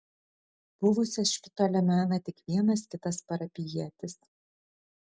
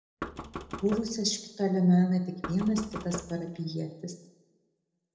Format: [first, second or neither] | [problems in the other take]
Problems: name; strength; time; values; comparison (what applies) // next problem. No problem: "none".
first | background sound (Knock); 13 dB below the speech // room echo; dies away in 0.6 s